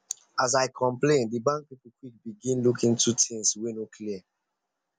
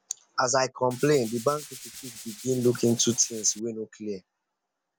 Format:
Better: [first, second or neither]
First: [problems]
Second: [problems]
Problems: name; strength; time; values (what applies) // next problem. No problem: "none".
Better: first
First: none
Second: background sound (Tools); 15 dB below the speech